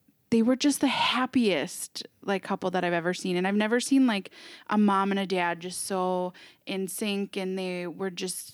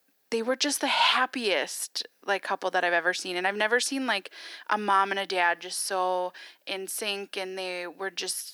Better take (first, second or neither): first